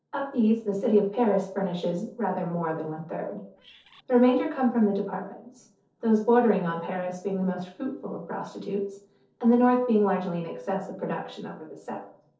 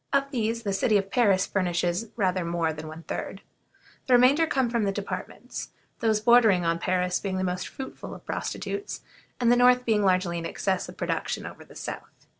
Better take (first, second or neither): second